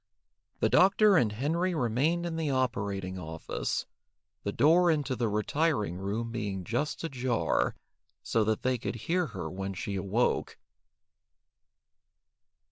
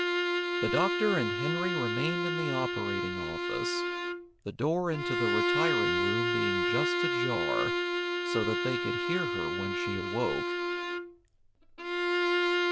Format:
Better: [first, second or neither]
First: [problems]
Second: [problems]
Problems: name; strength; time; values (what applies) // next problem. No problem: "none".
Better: first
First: none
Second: background sound (Bowed string instrument); 4 dB above the speech